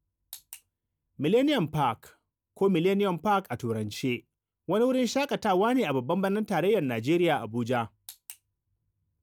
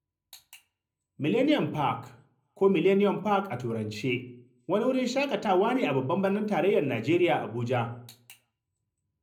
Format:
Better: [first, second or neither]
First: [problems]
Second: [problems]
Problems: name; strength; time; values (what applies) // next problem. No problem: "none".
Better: first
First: none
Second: room echo; dies away in 0.4 s